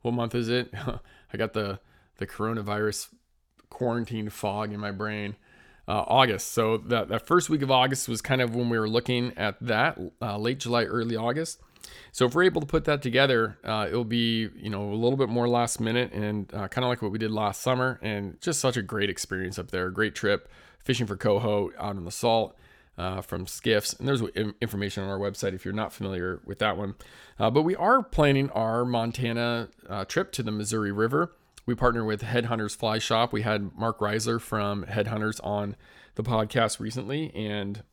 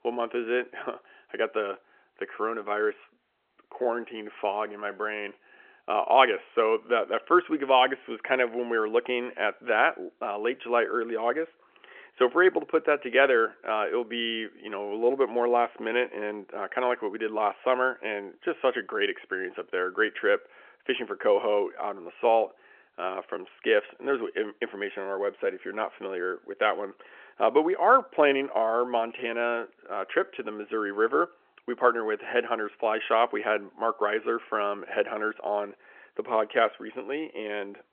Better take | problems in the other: first | phone-call audio; nothing above 3 kHz

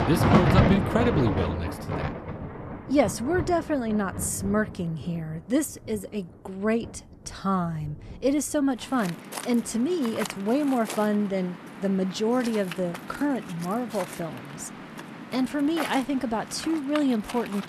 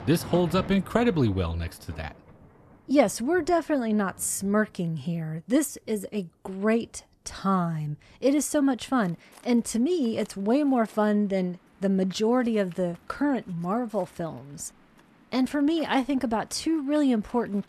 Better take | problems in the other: second | rain or running water; loud; throughout; 4 dB below the speech; faint in the second

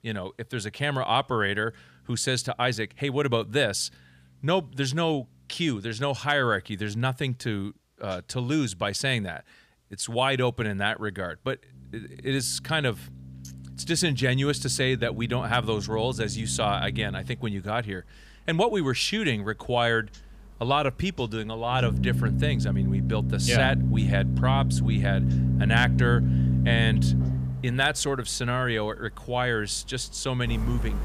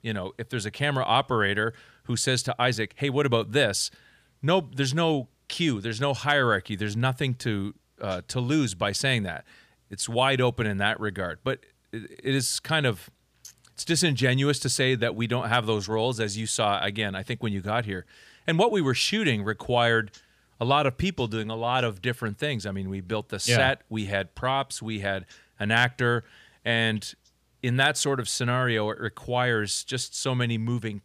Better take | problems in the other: second | background music; very loud; throughout; as loud as the speech

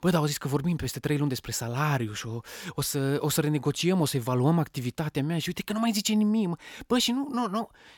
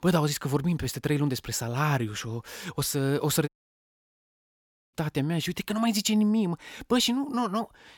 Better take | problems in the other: first | audio cutting out; at 3.5 s for 1.5 s

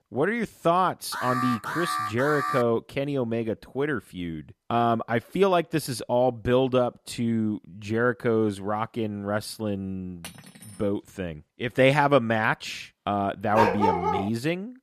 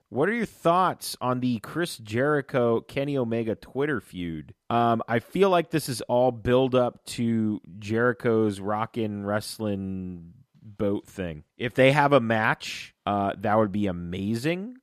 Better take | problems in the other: second | alarm; noticeable; from 1 to 2.5 s; peak 2 dB below the speech // clattering dishes; faint; at 10 s; peak 15 dB below the speech // dog barking; loud; at 14 s; peak 3 dB above the speech

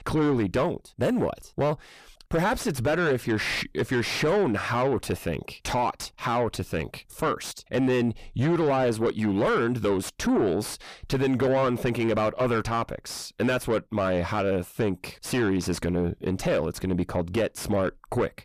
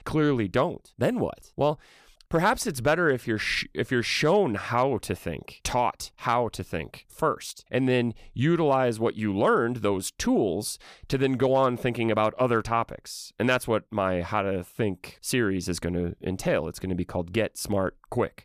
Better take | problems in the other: second | distortion; heavy; 7 dB below the speech

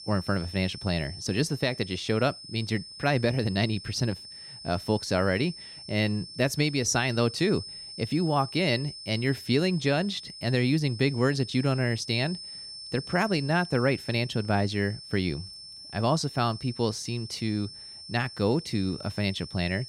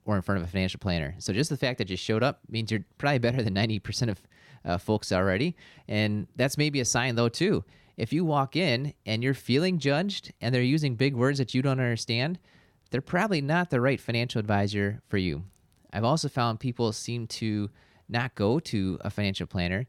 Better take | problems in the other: second | high-pitched whine; noticeable; throughout; 5.5 kHz, 15 dB below the speech

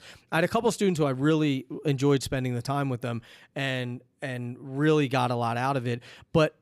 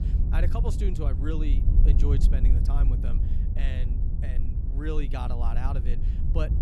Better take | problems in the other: first | wind noise on the microphone; heavy; 5 dB below the speech

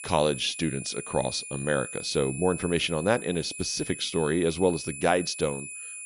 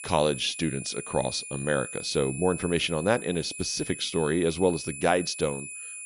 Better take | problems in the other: neither | high-pitched whine; loud; throughout; 10 kHz, 10 dB below the speech; the same in both

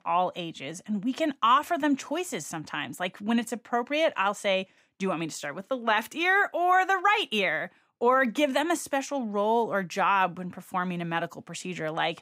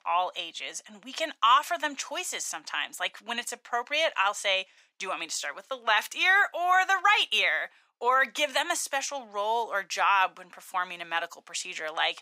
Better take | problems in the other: first | thin; very; fading below 750 Hz

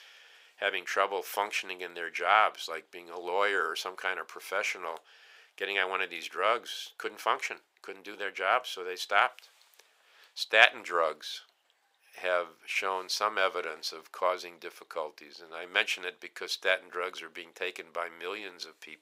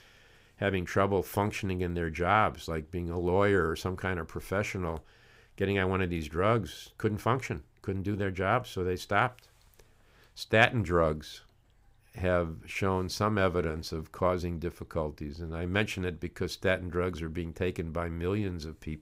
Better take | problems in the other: second | thin; very; fading below 550 Hz

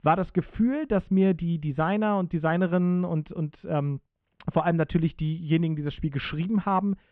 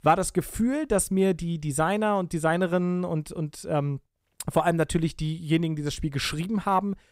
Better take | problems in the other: second | muffled; very; fading above 3 kHz

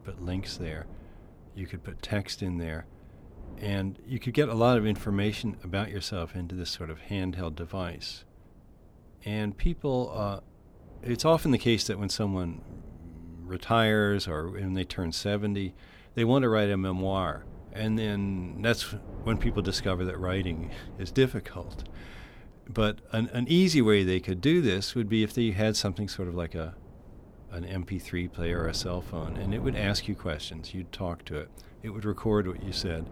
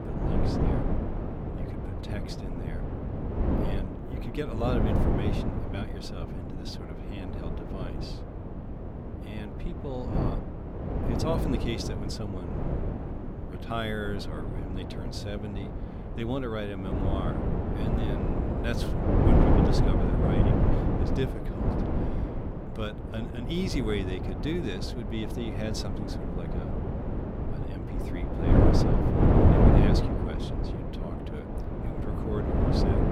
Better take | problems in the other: first | wind noise on the microphone; heavy; 4 dB above the speech; occasional gusts in the first

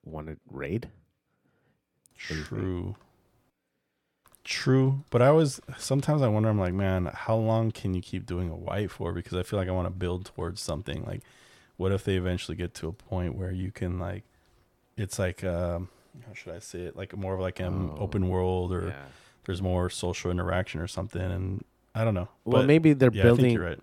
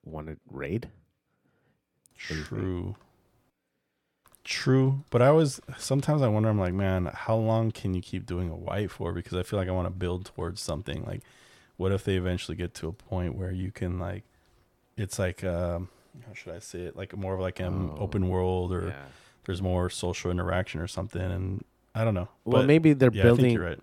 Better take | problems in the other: neither | none

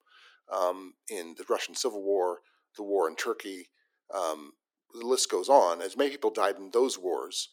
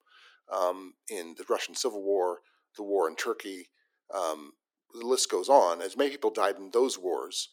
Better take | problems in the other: neither | thin; somewhat; fading below 300 Hz; the same in both

